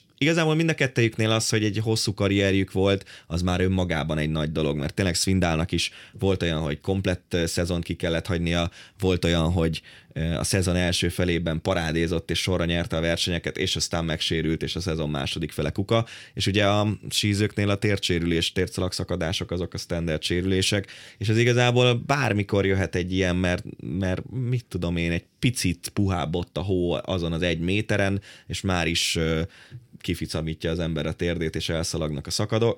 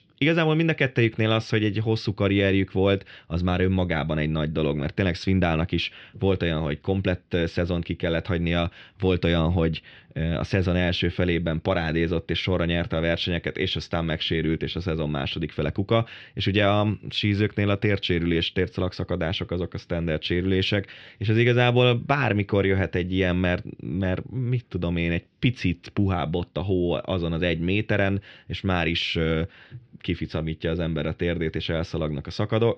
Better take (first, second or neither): first